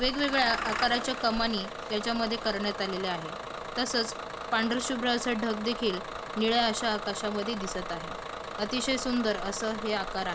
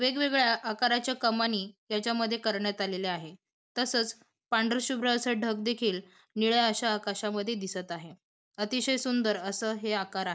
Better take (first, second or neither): second